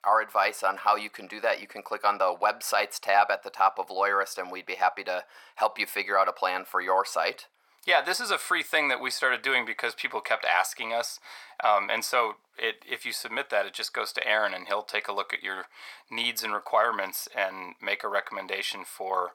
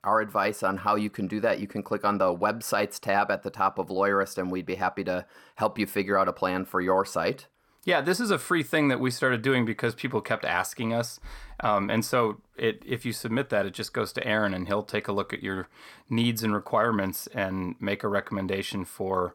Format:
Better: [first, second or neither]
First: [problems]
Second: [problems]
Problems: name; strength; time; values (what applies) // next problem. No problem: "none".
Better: second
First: thin; very; fading below 700 Hz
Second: none